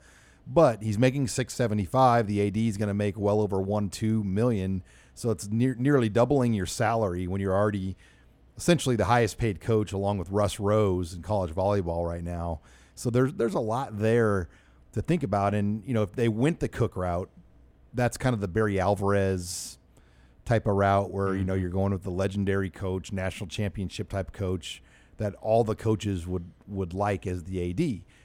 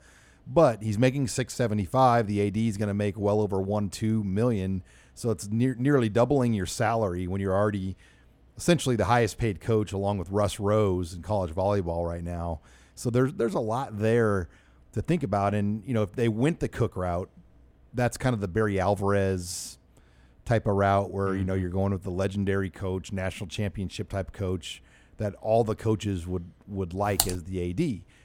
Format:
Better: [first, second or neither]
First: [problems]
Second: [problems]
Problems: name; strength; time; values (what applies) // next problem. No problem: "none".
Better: first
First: none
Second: keyboard typing; noticeable; at 27 s; peak level with the speech